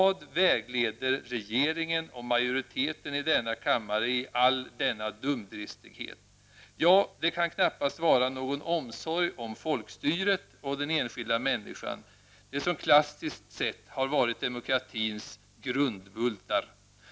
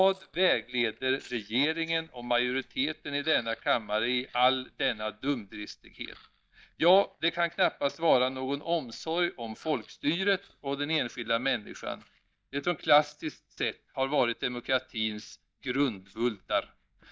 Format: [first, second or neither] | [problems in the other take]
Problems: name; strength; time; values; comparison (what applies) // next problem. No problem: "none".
first | noise reduction (neural mask model DeepFilterNet 3)